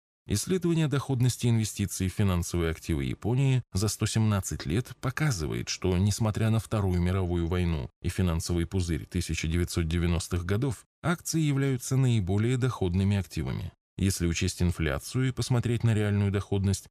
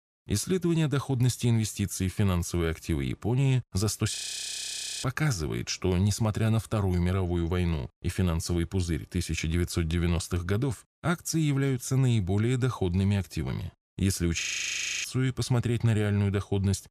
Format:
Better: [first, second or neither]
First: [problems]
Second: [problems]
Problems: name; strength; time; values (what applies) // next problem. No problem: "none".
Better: first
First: none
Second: audio freezing; at 4 s for 1 s and at 14 s for 0.5 s